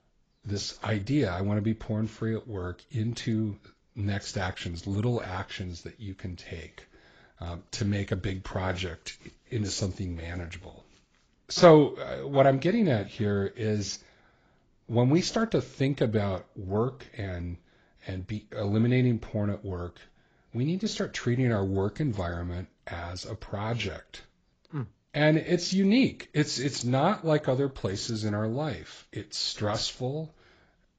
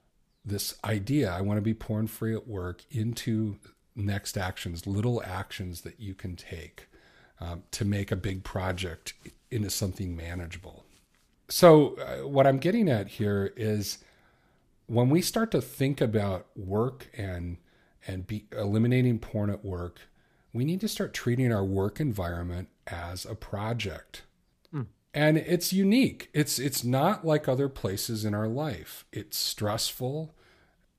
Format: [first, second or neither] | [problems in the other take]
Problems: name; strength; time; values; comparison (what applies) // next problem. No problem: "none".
second | garbled, watery; badly; nothing above 7.5 kHz